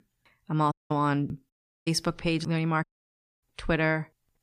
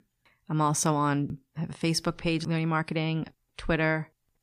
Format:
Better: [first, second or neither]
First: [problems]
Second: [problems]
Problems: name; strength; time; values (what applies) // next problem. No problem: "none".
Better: second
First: audio cutting out; at 0.5 s, at 1.5 s and at 3 s for 0.5 s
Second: none